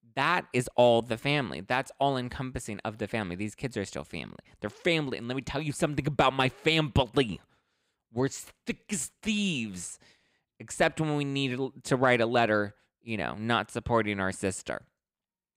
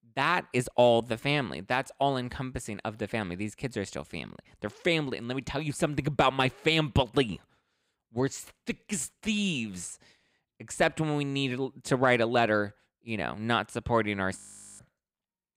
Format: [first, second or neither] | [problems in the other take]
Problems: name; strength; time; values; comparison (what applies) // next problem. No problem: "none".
first | audio freezing; at 14 s